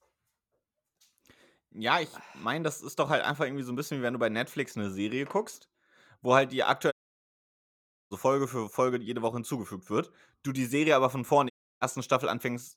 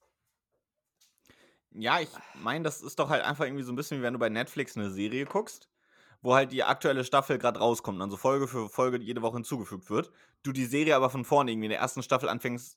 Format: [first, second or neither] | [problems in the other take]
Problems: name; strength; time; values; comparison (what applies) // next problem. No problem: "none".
second | audio cutting out; at 7 s for 1 s and at 12 s